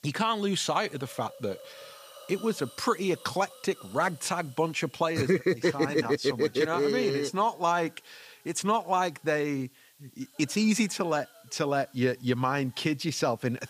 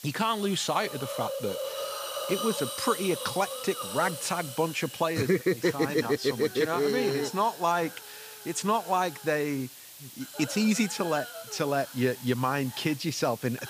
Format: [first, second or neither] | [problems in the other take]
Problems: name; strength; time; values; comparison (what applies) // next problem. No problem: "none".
first | hiss; loud; throughout; 10 dB below the speech; faint in the first